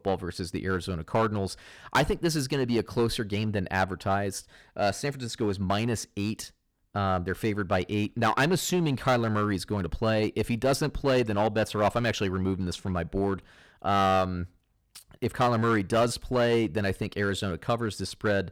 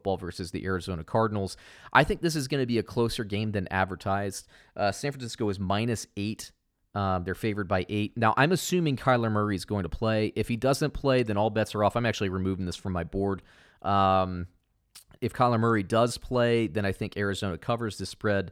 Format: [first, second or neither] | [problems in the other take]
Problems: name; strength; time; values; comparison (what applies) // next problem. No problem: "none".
second | distortion; slight; 6% of the sound clipped